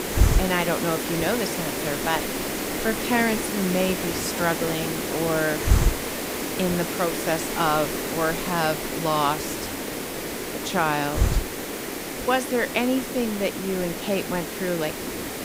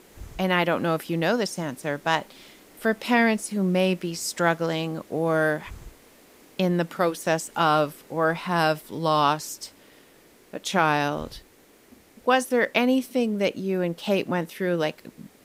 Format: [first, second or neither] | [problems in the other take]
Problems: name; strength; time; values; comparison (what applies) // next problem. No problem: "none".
second | hiss; loud; throughout; 1 dB below the speech; faint in the second